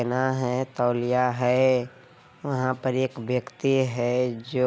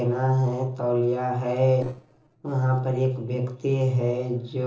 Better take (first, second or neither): first